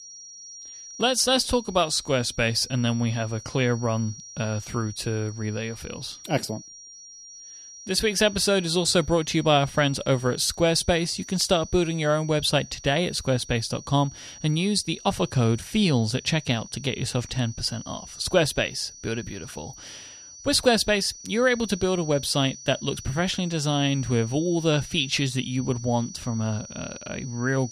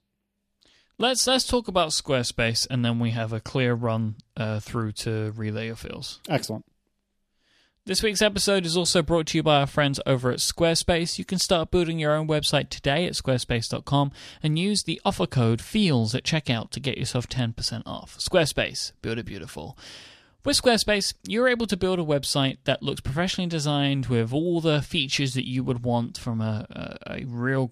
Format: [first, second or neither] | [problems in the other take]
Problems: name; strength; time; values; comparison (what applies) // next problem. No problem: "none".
second | high-pitched whine; noticeable; throughout; 6 kHz, 15 dB below the speech